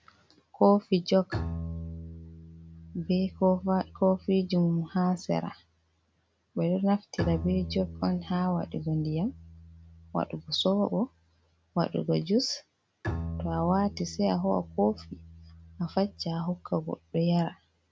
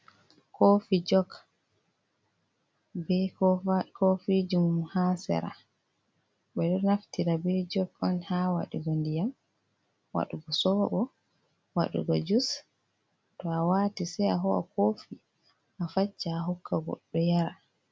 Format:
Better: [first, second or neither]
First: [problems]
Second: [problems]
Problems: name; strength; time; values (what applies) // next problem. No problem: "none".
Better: second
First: background sound (Bowed string instrument); 13 dB below the speech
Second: none